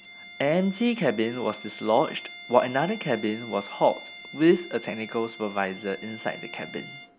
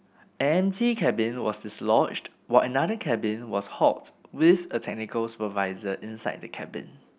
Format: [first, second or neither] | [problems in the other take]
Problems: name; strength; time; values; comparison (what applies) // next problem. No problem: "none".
second | background sound (Bowed string instrument); 16 dB below the speech